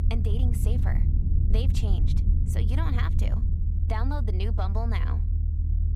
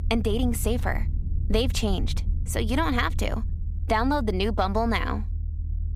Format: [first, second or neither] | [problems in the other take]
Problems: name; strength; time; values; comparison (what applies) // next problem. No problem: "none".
second | low rumble; loud; throughout; 5 dB below the speech; faint in the second